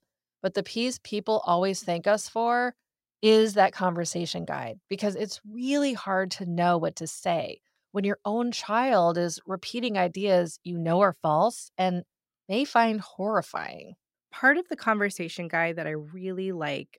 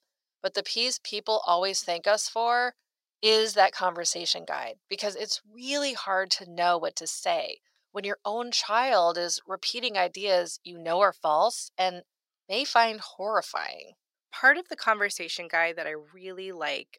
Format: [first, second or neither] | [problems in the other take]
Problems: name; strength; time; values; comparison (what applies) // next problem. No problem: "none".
first | thin; somewhat; fading below 550 Hz